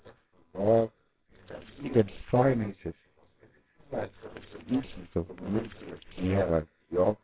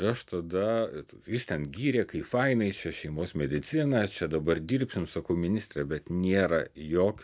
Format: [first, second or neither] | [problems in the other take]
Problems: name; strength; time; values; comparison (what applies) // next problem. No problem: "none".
second | noise reduction (neural separator model SepFormer WHAMR!)